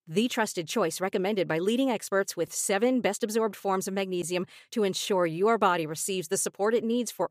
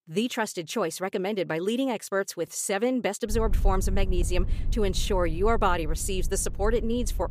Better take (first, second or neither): first